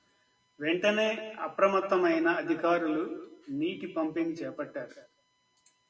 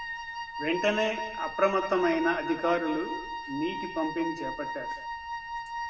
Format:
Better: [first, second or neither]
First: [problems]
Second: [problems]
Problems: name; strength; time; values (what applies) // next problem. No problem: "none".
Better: first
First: none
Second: background sound (Wind instrument, woodwind instrument); 6 dB below the speech